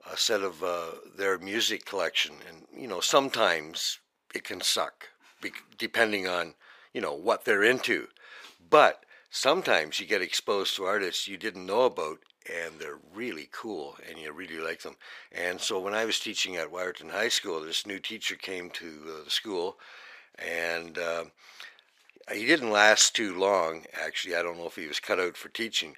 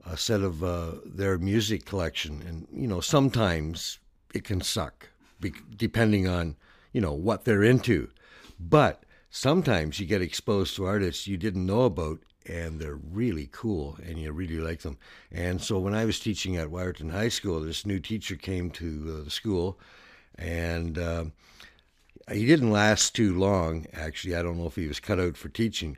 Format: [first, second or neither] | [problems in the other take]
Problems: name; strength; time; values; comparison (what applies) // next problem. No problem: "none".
second | thin; very; fading below 600 Hz